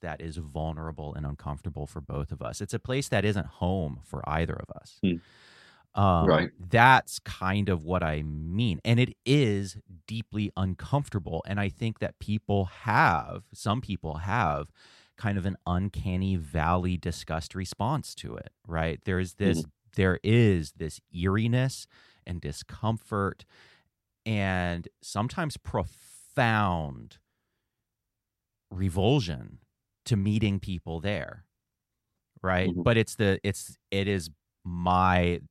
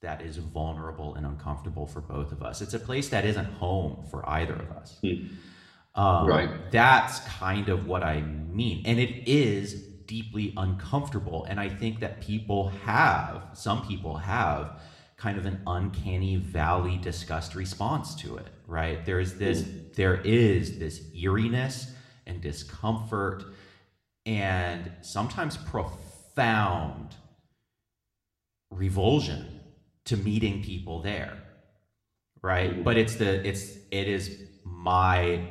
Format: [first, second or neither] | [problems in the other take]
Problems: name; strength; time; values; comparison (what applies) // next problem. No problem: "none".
first | room echo; very slight; dies away in 0.7 s